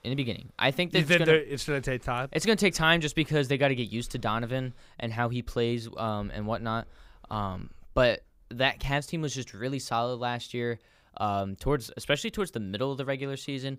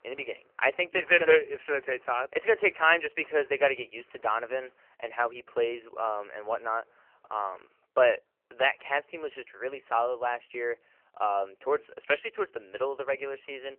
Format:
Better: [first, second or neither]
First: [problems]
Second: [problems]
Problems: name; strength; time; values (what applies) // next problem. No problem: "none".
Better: first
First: none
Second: phone-call audio; poor line; nothing above 3 kHz